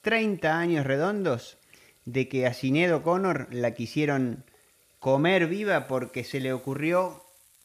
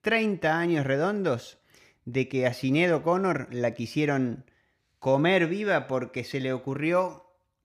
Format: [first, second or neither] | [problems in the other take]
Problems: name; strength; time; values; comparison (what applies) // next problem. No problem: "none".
second | household noises; faint; throughout; 30 dB below the speech